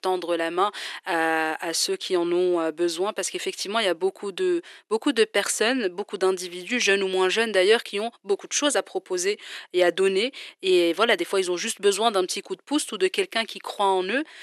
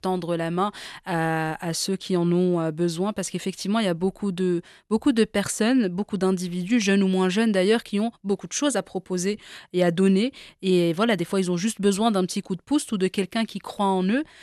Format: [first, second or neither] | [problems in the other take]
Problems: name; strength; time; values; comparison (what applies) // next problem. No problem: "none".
second | thin; somewhat; fading below 350 Hz